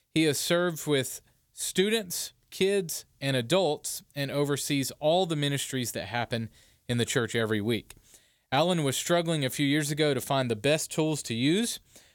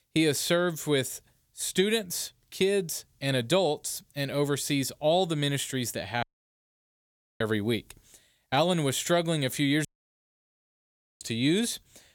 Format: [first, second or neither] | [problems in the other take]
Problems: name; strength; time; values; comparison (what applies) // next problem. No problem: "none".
first | audio cutting out; at 6 s for 1 s and at 10 s for 1.5 s